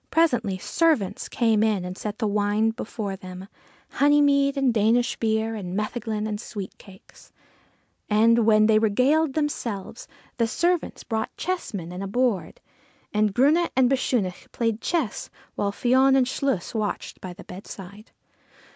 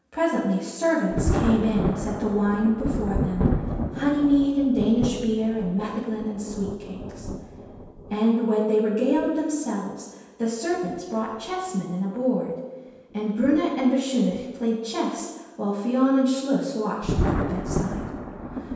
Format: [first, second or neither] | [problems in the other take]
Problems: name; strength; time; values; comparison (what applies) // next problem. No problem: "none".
first | background sound (Thunder); 6 dB below the speech // room echo; dies away in 1.2 s